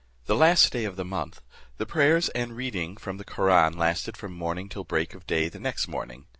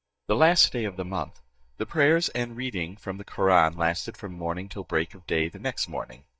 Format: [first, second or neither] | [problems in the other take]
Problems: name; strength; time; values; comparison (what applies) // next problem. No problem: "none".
first | noise reduction (neural mask model DeepFilterNet 3)